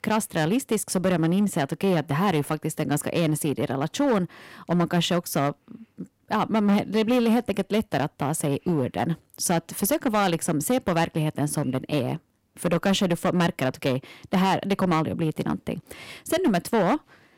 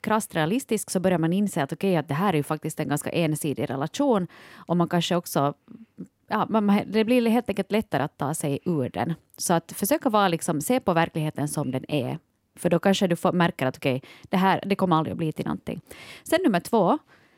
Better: second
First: distortion; slight; 7% of the sound clipped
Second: none

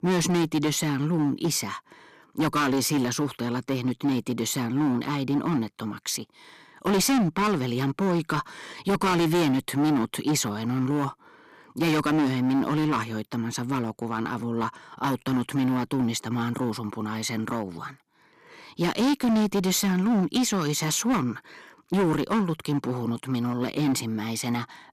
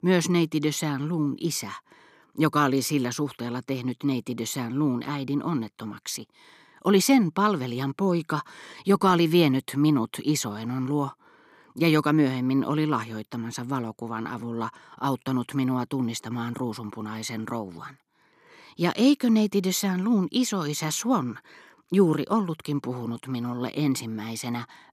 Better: second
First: distortion; heavy; 12% of the sound clipped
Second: none

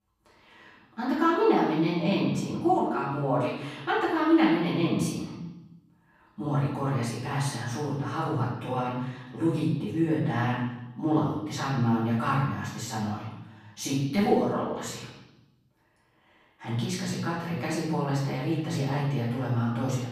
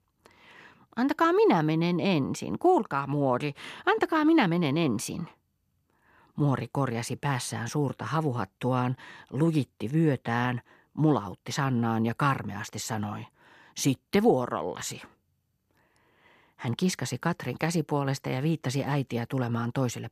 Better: second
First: off-mic speech; far // room echo; noticeable; dies away in 0.9 s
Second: none

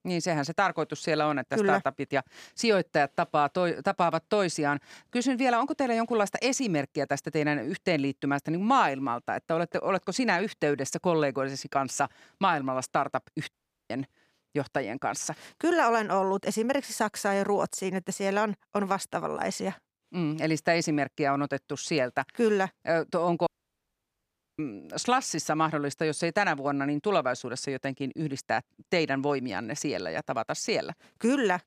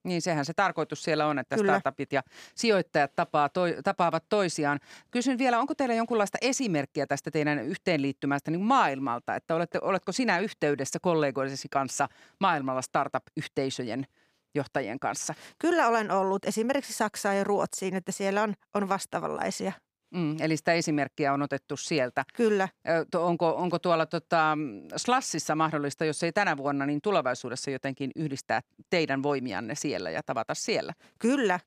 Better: second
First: audio cutting out; at 14 s and at 23 s for 1 s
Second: none

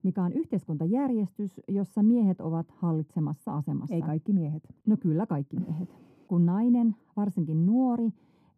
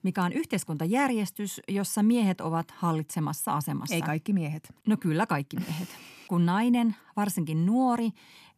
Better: second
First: muffled; very; fading above 1 kHz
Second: none

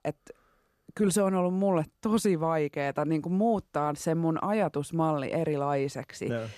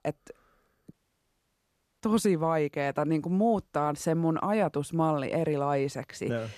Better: first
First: none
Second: audio cutting out; at 1 s for 1 s

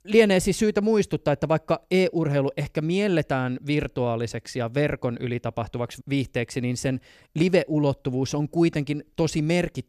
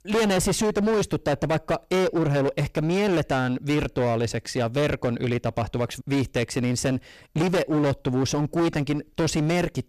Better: first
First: none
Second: distortion; heavy; 22% of the sound clipped

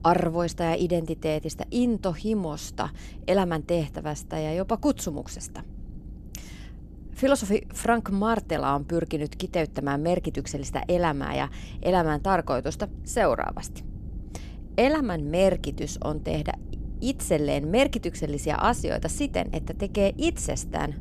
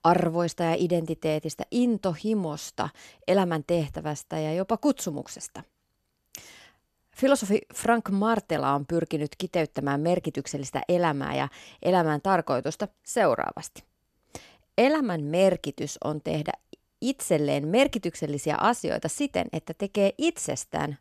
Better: second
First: low rumble; faint; throughout; 25 dB below the speech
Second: none

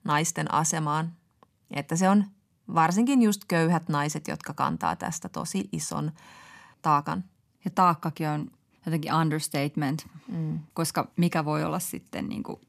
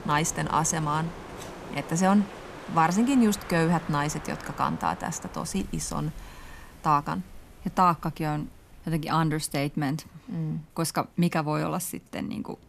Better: first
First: none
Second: wind in the background; noticeable; throughout; 15 dB below the speech

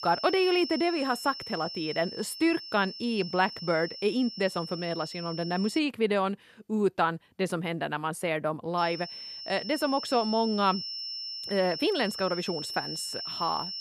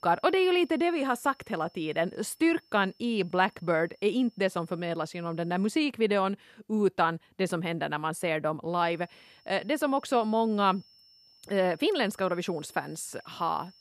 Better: second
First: high-pitched whine; loud; until 6 s and from 9 s on; 5.5 kHz, 8 dB below the speech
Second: high-pitched whine; faint; until 6 s and from 9 s on; 5.5 kHz, 30 dB below the speech

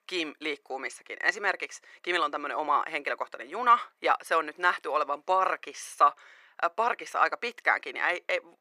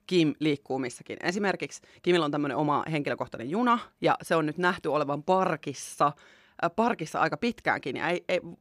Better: second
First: thin; very; fading below 450 Hz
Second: none

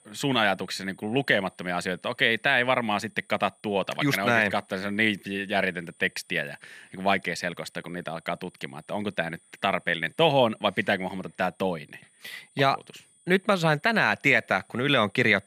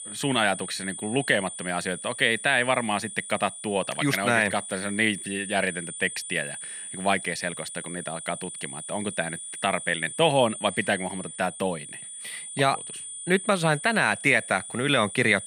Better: first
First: high-pitched whine; faint; throughout; 9 kHz, 35 dB below the speech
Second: high-pitched whine; loud; throughout; 9 kHz, 10 dB below the speech

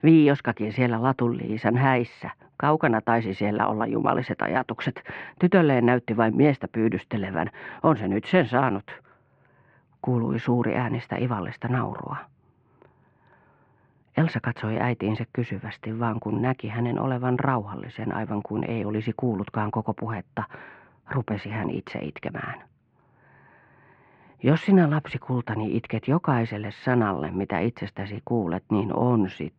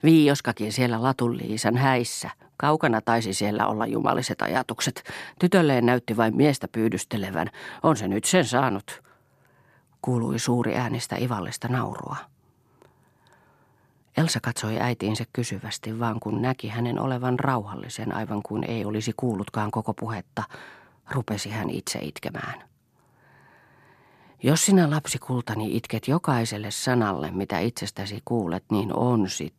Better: second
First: muffled; very; fading above 2.5 kHz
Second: none

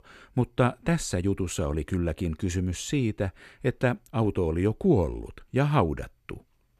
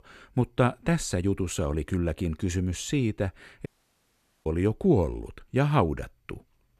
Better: first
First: none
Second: audio cutting out; at 3.5 s for 1 s

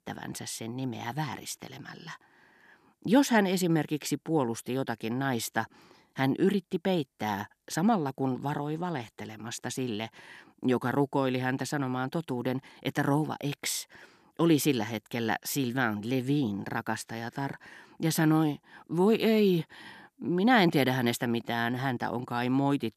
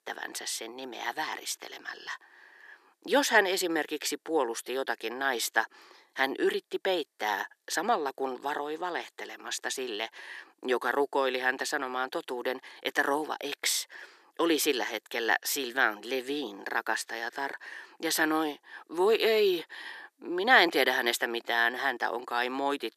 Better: first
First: none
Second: thin; very; fading below 400 Hz

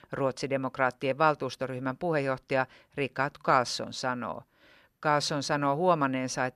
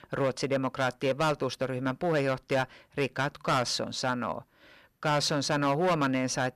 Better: first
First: none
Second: distortion; heavy; 7% of the sound clipped

